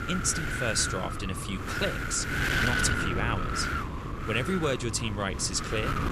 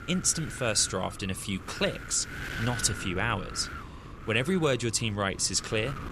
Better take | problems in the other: second | wind noise on the microphone; heavy; 1 dB above the speech; occasional gusts in the second

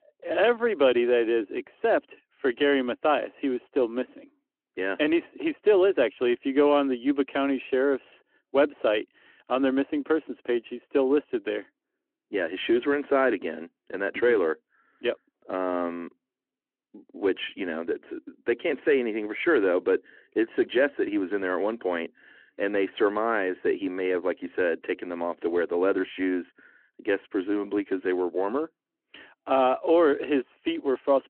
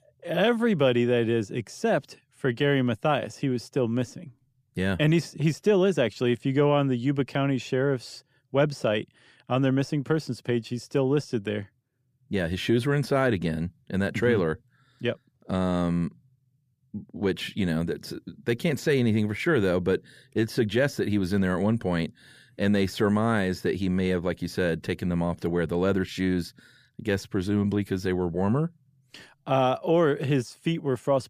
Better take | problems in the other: second | phone-call audio

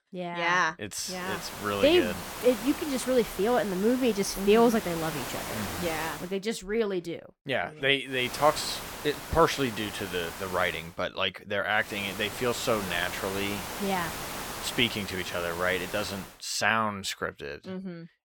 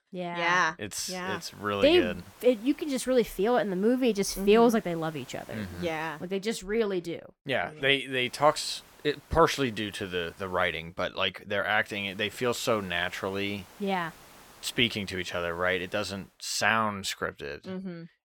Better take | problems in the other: second | hiss; loud; from 1 to 6 s, from 8 to 11 s and from 12 to 16 s; 9 dB below the speech; faint in the second

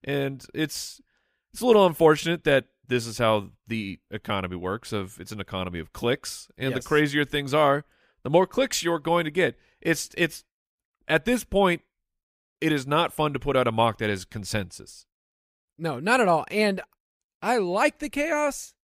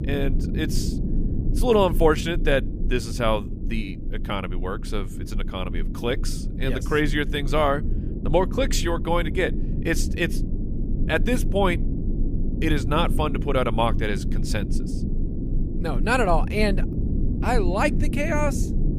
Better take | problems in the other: first | low rumble; noticeable; throughout; 15 dB below the speech

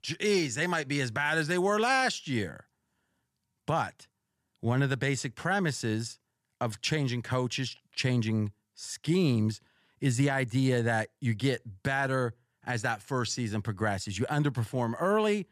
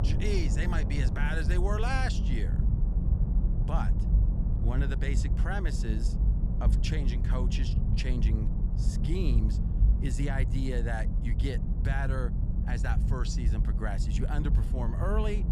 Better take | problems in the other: first | low rumble; loud; throughout; 6 dB below the speech

